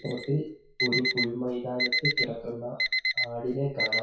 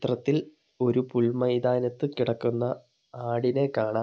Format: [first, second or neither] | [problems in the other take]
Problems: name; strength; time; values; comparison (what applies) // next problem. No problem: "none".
second | noise reduction (classical method WPE with log-MMSE)